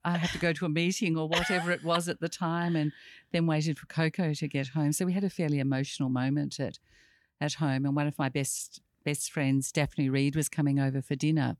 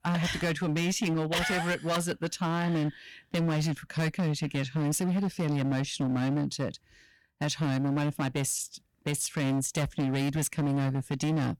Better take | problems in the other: first | distortion; slight; 20% of the sound clipped

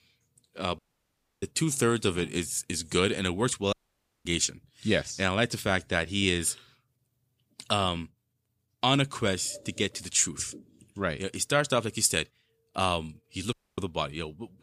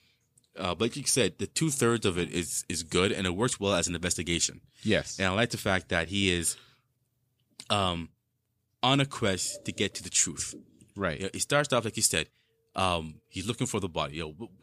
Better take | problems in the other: second | audio cutting out; at 1 s for 0.5 s, at 3.5 s for 0.5 s and at 14 s

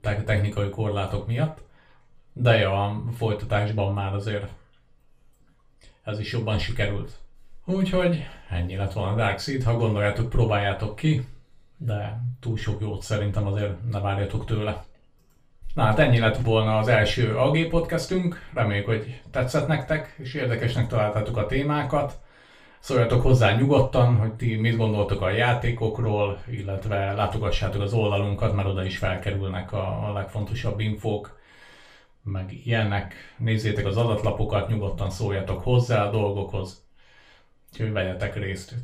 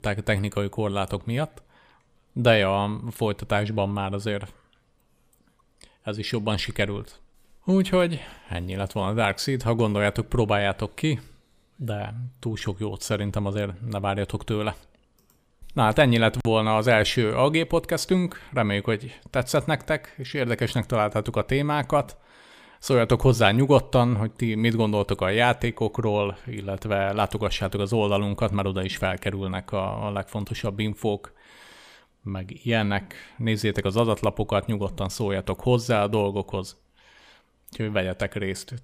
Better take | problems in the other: second | room echo; slight; dies away in 0.3 s // off-mic speech; far

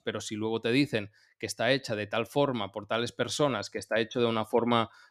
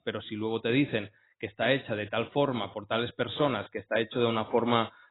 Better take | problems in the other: first | garbled, watery; badly; nothing above 4 kHz

